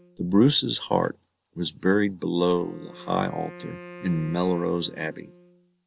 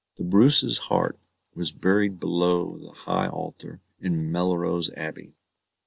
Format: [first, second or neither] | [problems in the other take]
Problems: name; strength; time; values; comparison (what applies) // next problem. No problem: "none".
second | background sound (Wind instrument, woodwind instrument); 20 dB below the speech